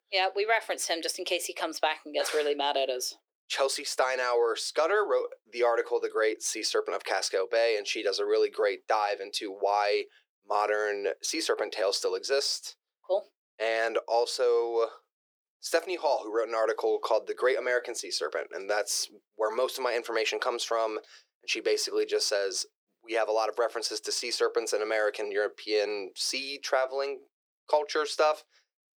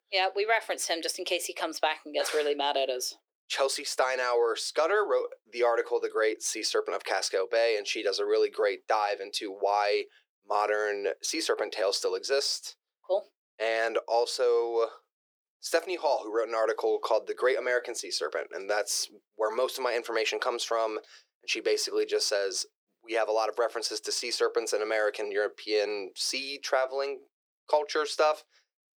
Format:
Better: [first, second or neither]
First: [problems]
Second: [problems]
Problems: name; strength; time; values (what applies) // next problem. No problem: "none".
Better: neither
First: thin; very; fading below 400 Hz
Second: thin; very; fading below 400 Hz